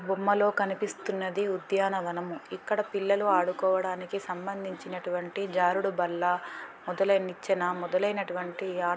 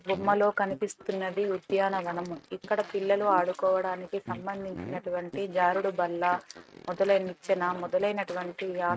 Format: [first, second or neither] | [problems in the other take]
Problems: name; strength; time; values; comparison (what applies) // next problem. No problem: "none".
first | noise reduction (neural mask model RNNoise)